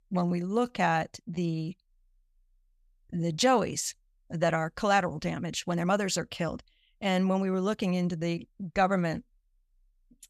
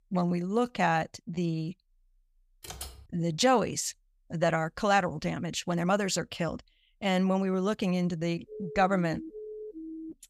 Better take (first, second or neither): first